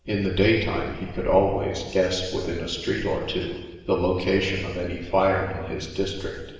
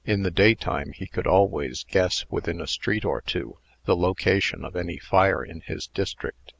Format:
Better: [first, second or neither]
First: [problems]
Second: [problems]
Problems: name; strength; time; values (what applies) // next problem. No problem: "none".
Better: second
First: room echo; dies away in 1.2 s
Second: none